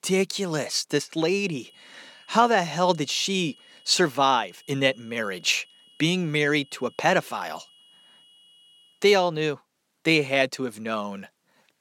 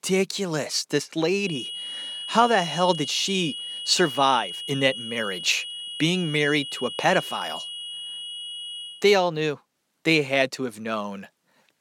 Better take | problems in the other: first | high-pitched whine; loud; from 1.5 to 9 s; 3 kHz, 8 dB below the speech; faint in the first

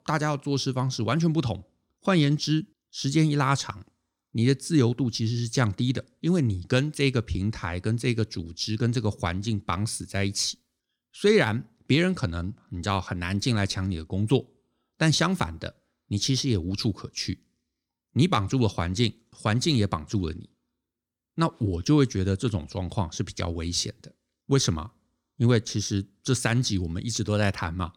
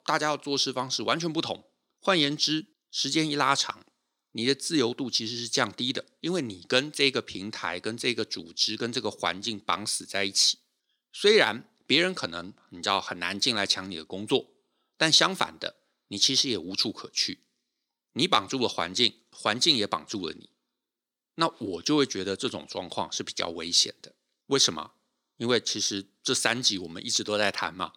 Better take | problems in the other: first | thin; somewhat; fading below 350 Hz

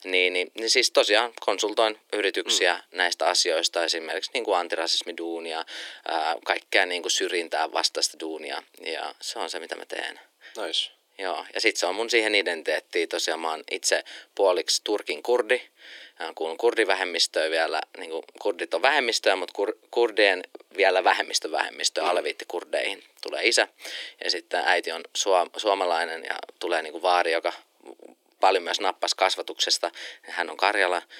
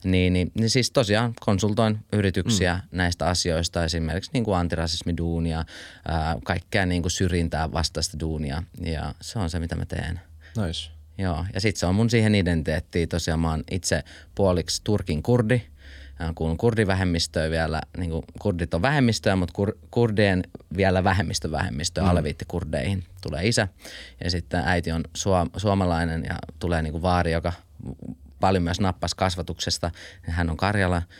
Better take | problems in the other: second | thin; very; fading below 350 Hz

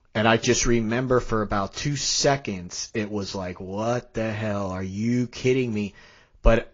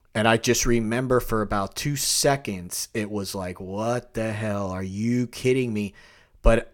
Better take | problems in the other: second | garbled, watery; slightly; nothing above 6.5 kHz

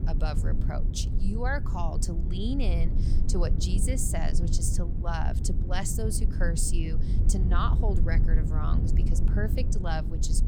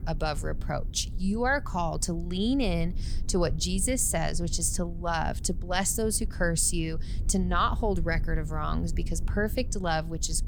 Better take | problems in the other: second | low rumble; loud; throughout; 8 dB below the speech; faint in the second

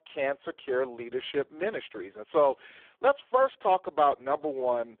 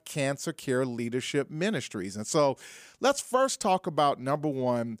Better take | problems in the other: second | phone-call audio; poor line

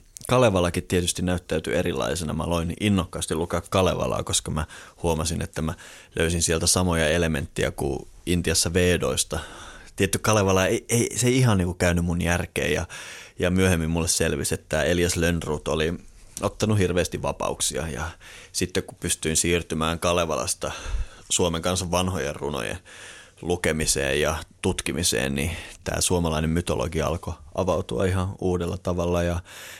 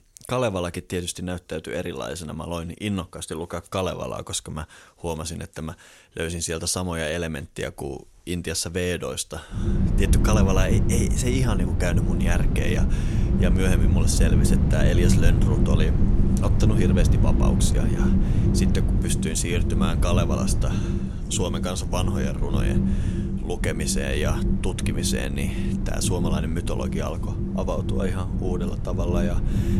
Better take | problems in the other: first | low rumble; loud; from 9.5 s on; 4 dB below the speech

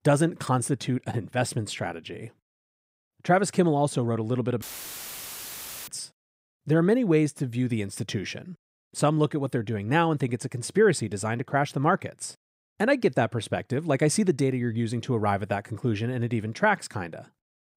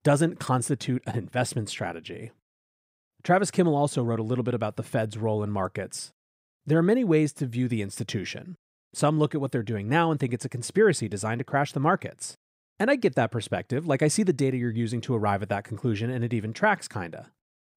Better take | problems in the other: second | audio cutting out; filled with static; at 4.5 s for 1.5 s

